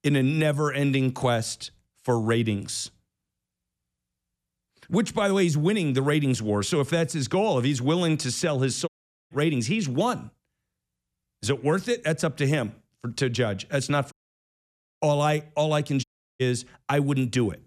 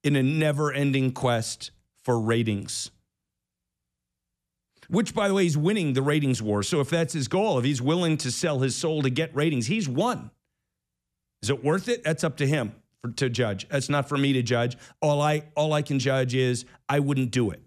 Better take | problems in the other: second | audio cutting out; at 9 s, at 14 s for 1 s and at 16 s

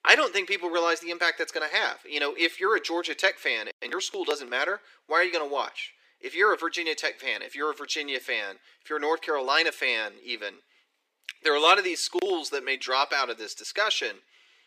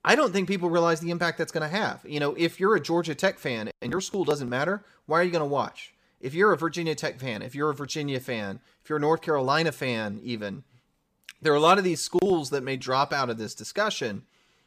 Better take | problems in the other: second | thin; very; fading below 300 Hz

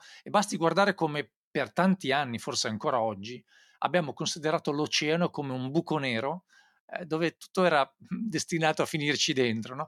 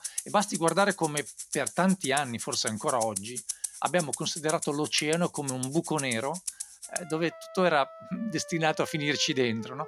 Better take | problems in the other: first | background music; loud; throughout; 8 dB below the speech

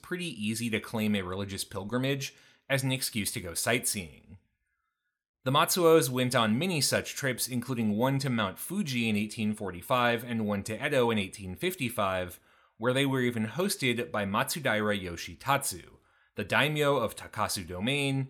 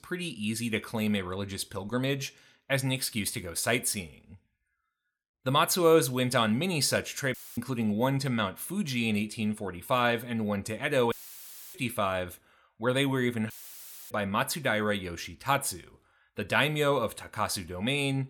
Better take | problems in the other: first | audio cutting out; filled with static; at 7.5 s, at 11 s for 0.5 s and at 14 s for 0.5 s

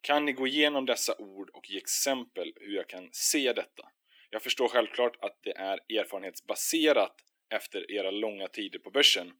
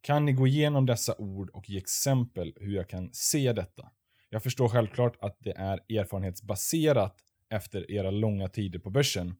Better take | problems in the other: second | thin; somewhat; fading below 300 Hz

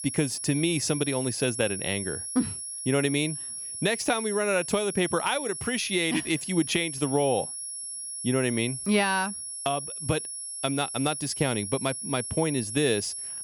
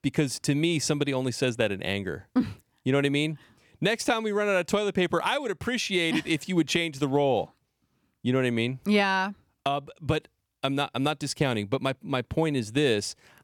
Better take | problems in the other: second | high-pitched whine; loud; throughout; 10.5 kHz, 5 dB below the speech

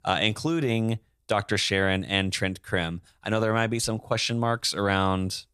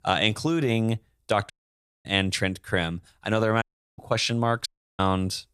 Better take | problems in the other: first | audio cutting out; at 1.5 s for 0.5 s, at 3.5 s and at 4.5 s

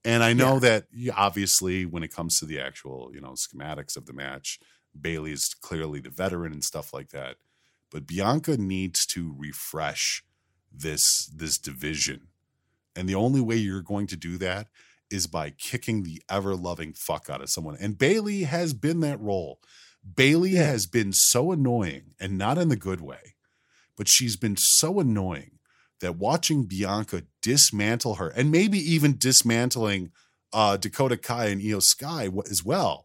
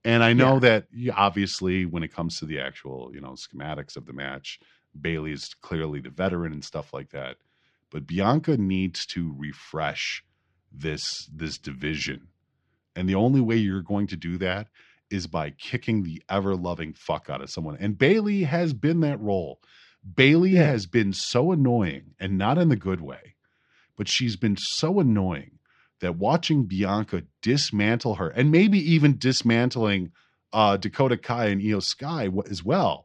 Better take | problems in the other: first | muffled; slightly; fading above 4 kHz

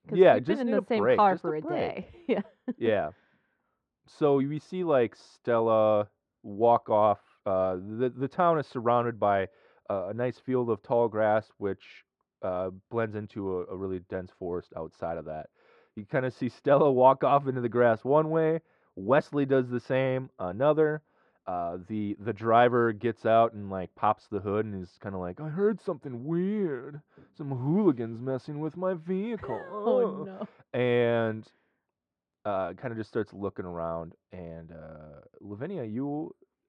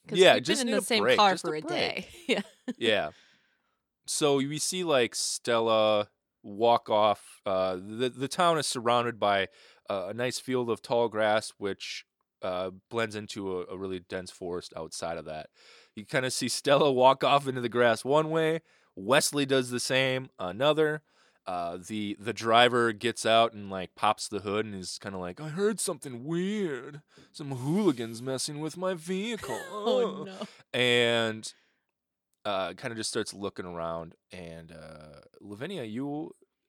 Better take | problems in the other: second | muffled; very; fading above 1 kHz

